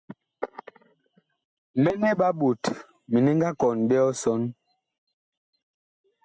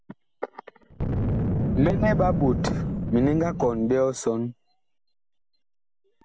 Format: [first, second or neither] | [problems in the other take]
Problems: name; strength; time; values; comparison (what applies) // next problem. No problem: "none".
first | background sound (Boom); 2 dB below the speech